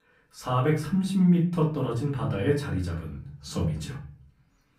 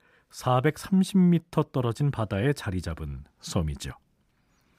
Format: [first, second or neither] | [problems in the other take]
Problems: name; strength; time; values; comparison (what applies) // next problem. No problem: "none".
second | off-mic speech; far // room echo; slight; dies away in 0.4 s